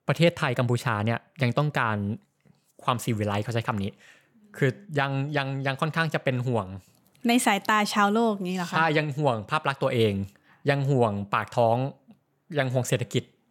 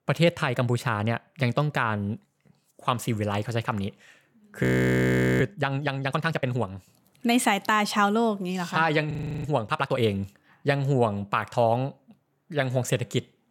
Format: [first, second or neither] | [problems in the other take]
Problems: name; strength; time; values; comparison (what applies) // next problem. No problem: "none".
first | audio freezing; at 4.5 s for 1 s and at 9 s